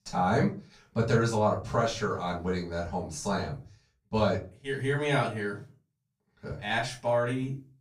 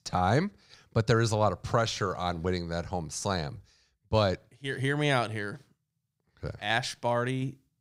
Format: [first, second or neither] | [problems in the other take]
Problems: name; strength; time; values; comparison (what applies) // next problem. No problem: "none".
second | off-mic speech; far // room echo; slight; dies away in 0.2 s